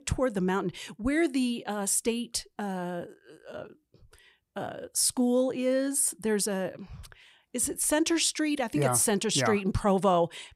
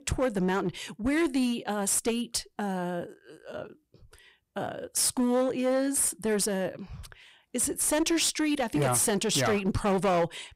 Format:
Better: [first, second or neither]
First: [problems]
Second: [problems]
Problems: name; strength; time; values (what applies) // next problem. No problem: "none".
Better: first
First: none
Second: distortion; slight; 9% of the sound clipped